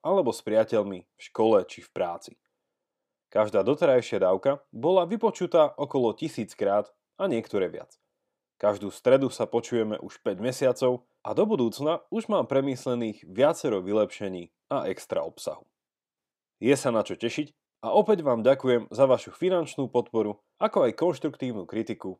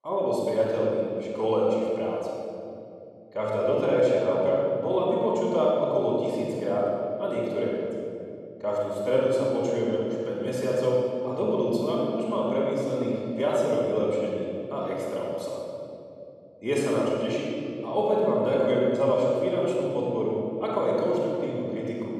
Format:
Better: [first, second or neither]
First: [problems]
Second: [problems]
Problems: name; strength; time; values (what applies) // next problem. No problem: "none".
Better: first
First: none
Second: room echo; strong; dies away in 2.6 s // off-mic speech; far